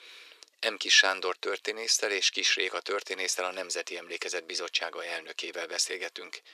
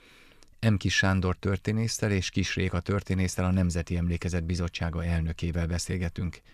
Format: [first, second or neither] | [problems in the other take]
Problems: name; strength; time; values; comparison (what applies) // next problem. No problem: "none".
second | thin; very; fading below 350 Hz